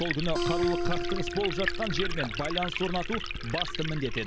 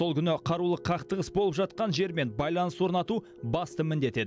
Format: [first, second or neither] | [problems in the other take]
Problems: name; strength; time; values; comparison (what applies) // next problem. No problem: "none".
second | background sound (Liquid + Acoustic guitar); 1 dB above the speech